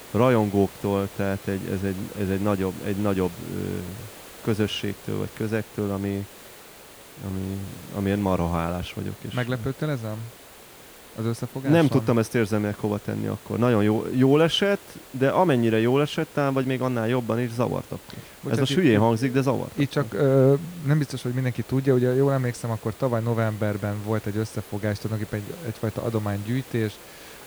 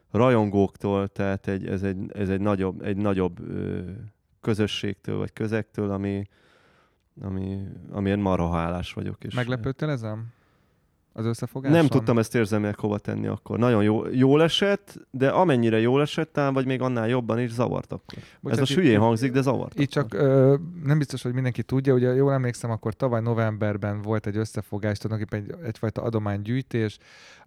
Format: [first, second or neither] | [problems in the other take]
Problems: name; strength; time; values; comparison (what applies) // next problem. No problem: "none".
second | hiss; noticeable; throughout; 20 dB below the speech